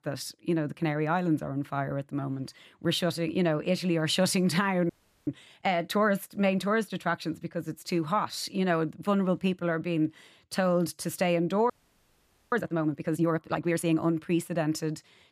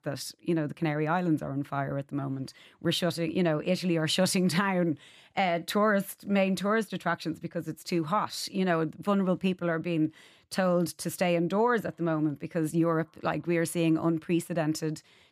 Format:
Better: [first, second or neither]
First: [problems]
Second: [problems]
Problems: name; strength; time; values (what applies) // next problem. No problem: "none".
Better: second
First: audio freezing; at 5 s and at 12 s for 1 s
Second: none